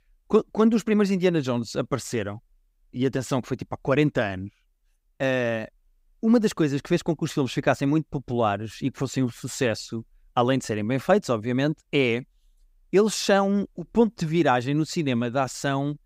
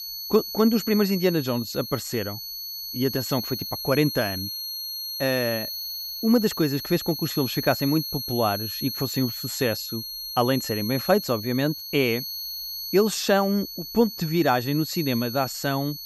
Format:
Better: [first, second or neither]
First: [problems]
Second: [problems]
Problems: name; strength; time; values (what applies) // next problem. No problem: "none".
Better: first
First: none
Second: high-pitched whine; loud; throughout; 4.5 kHz, 6 dB below the speech